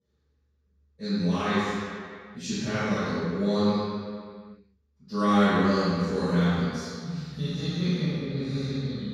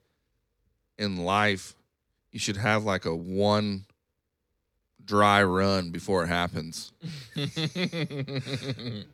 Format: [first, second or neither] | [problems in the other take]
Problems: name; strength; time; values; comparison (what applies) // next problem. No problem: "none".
second | room echo; strong; dies away in 1.8 s // off-mic speech; far